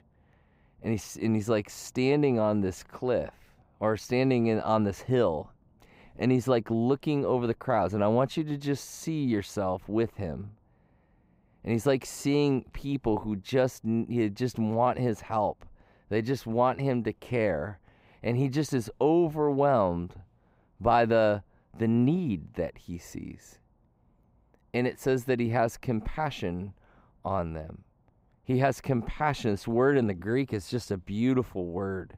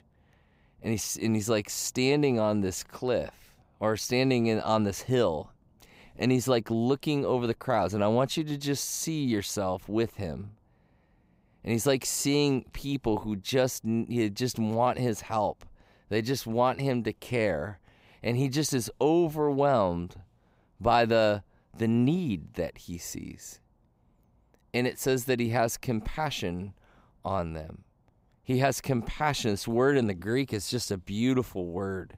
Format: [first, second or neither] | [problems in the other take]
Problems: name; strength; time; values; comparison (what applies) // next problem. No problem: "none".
second | muffled; slightly; fading above 3 kHz